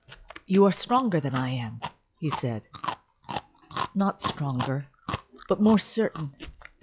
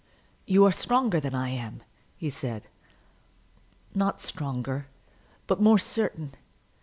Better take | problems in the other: second | noise reduction (classical method log-MMSE)

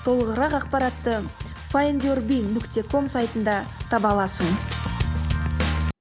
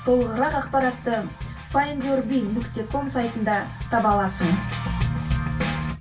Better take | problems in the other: first | room echo; dies away in 0.2 s

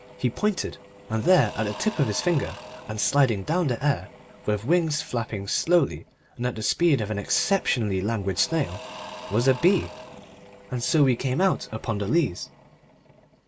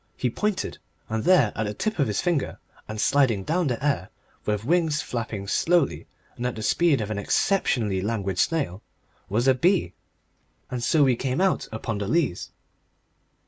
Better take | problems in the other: second | background sound (Engine / Drill / Mechanisms); 18 dB below the speech

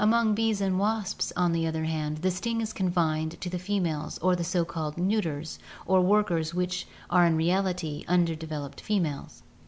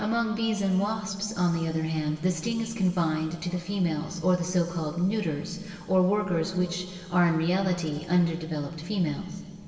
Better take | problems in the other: first | room echo; dies away in 2.3 s

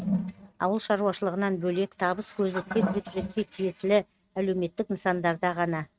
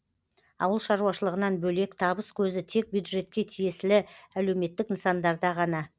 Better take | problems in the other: second | noise reduction (neural mask model RNNoise)

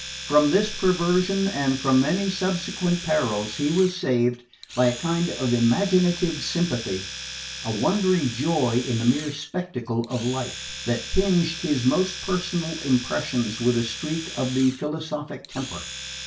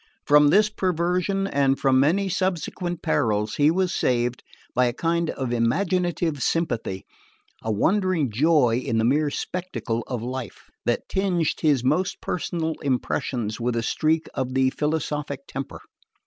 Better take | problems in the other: second | background sound (Domestic sounds, home sounds); 11 dB below the speech // room echo; dies away in 0.3 s

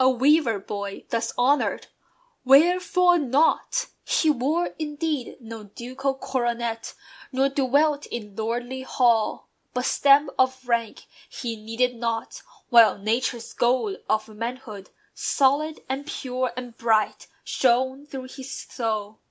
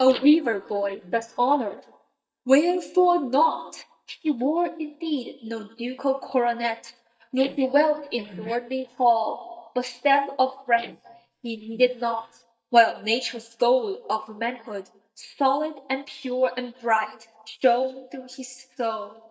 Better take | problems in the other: first | noise reduction (neural mask model DeepFilterNet 3)

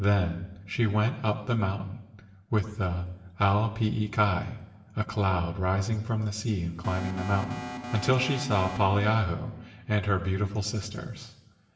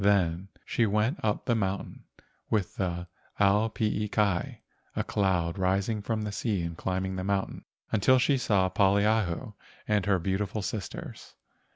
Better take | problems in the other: second | background sound (Alarm); 10 dB below the speech // room echo; dies away in 1 s

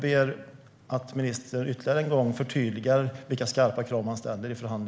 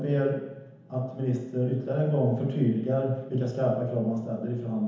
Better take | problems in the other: first | room echo; dies away in 1 s

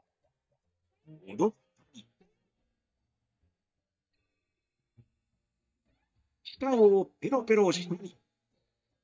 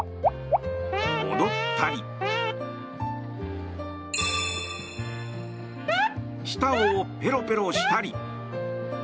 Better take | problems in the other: second | noise reduction (neural mask model DeepFilterNet 3)

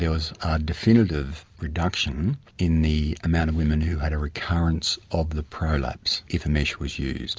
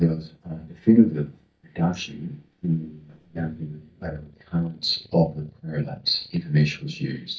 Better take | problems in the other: first | noise reduction (neural mask model DeepFilterNet 3)

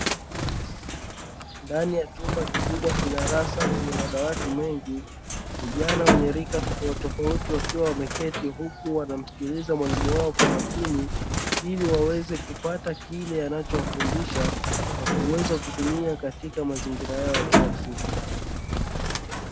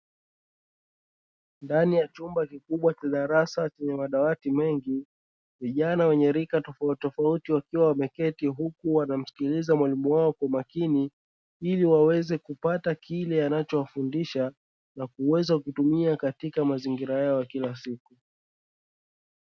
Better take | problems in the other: second | background sound (Bird); 1 dB above the speech

